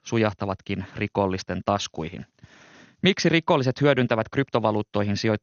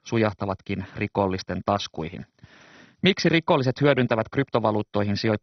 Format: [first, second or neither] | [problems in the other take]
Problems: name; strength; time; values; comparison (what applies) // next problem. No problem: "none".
first | garbled, watery; badly; nothing above 6 kHz; slightly in the first